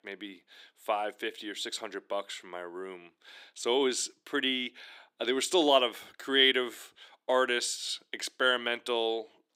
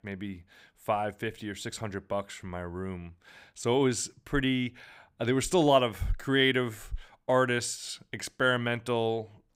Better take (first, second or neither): second